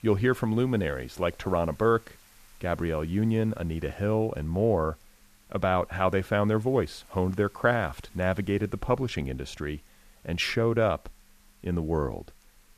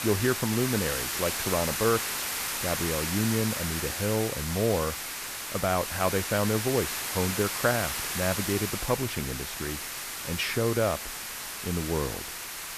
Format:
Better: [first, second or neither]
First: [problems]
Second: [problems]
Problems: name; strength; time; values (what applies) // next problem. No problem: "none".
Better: first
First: hiss; faint; throughout; 30 dB below the speech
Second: hiss; loud; throughout; 2 dB below the speech